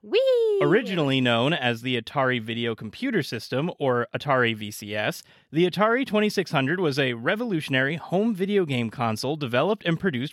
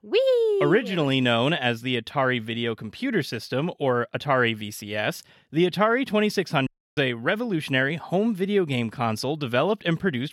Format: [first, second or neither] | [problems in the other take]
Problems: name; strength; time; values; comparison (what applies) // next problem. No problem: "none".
first | audio cutting out; at 6.5 s